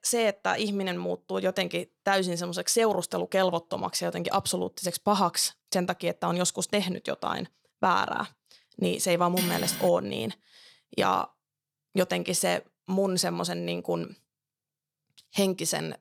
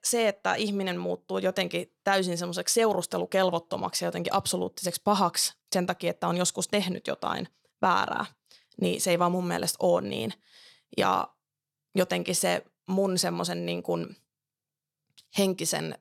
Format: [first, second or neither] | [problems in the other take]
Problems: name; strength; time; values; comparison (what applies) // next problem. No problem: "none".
second | clattering dishes; noticeable; at 9.5 s; peak 2 dB below the speech